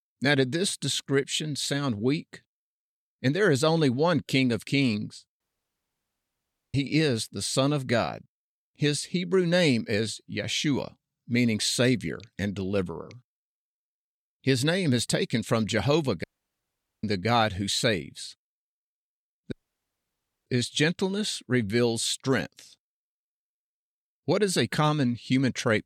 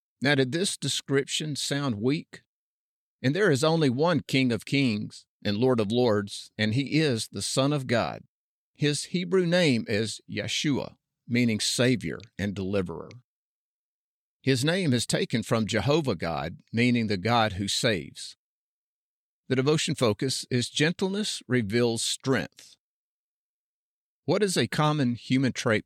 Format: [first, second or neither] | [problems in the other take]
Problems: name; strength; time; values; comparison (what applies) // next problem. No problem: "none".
second | audio cutting out; at 5.5 s for 1.5 s, at 16 s for 1 s and at 20 s for 1 s